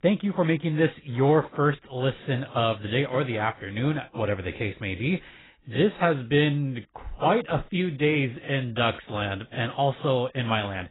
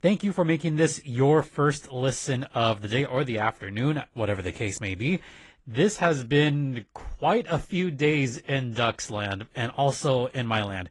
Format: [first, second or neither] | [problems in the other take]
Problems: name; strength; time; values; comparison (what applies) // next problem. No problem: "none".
second | garbled, watery; badly; nothing above 4 kHz; slightly in the second